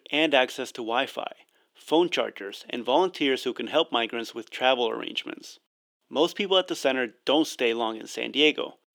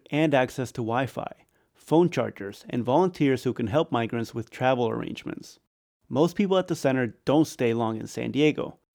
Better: second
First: thin; somewhat; fading below 300 Hz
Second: none

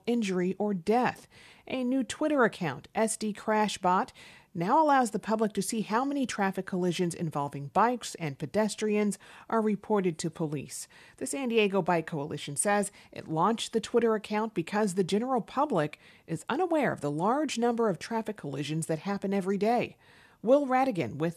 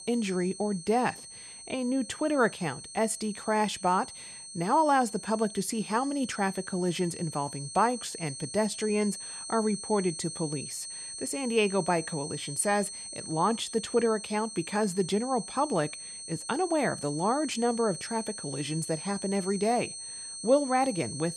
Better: first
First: none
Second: high-pitched whine; loud; throughout; 8.5 kHz, 9 dB below the speech

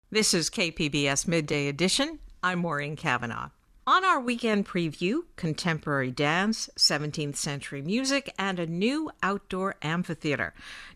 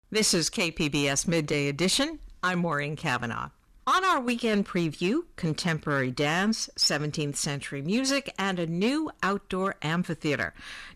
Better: first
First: none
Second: distortion; slight; 4% of the sound clipped

